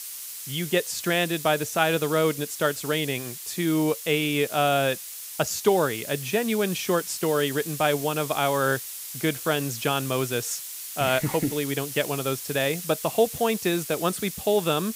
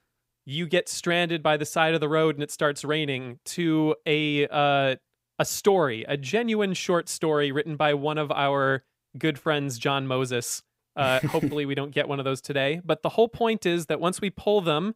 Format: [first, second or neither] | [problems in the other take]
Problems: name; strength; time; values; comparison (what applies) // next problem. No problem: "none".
second | hiss; loud; throughout; 9 dB below the speech